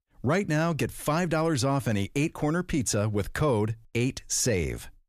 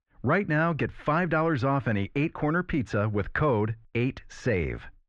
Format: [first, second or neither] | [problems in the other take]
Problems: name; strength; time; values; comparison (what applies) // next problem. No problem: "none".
first | muffled; very; fading above 3 kHz